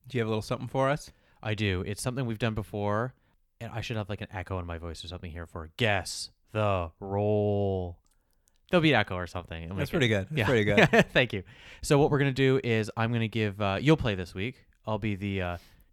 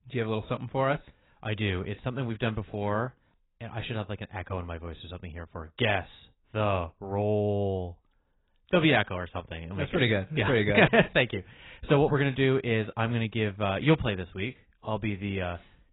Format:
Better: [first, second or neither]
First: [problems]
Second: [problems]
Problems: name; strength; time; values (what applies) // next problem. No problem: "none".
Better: first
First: none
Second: garbled, watery; badly; nothing above 4 kHz